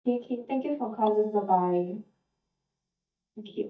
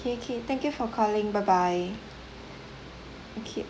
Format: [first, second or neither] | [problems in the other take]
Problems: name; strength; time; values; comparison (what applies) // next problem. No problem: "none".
second | noise reduction (neural mask model DeepFilterNet 3)